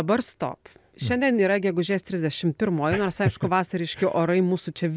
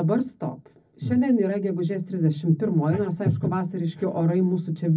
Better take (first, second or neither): first